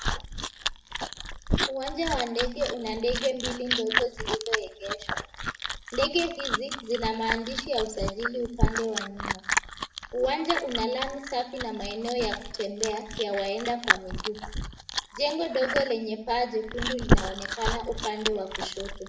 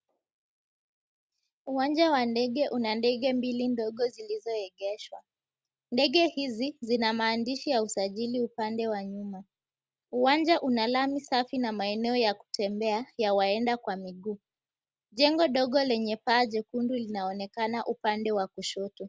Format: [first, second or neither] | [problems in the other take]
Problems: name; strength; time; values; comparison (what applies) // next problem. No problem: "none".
second | background sound (Chewing, mastication); as loud as the speech // room echo; dies away in 0.6 s